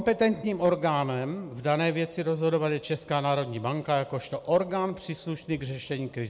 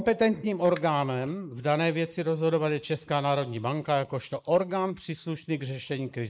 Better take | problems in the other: first | noise reduction (neural mask model Resemble Enhance denoiser)

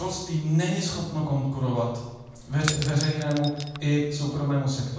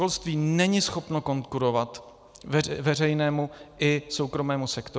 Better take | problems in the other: second | background sound (Shatter / Crushing); 12 dB below the speech // room echo; dies away in 1.2 s

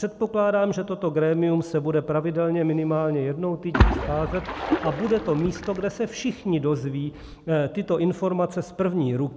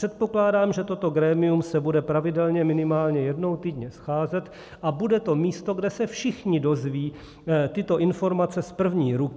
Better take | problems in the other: second | background sound (Splash, splatter); 3 dB below the speech

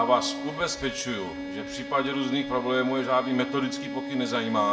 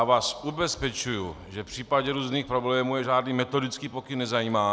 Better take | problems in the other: second | background sound (Bowed string instrument); 8 dB below the speech // room echo; dies away in 0.3 s

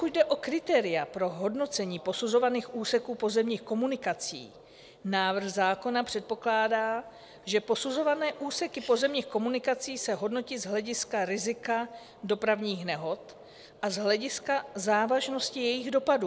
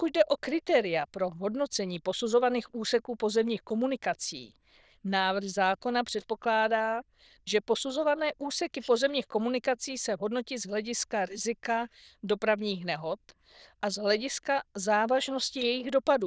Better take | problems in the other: first | noise reduction (neural diffusion model UNIVERSE++)

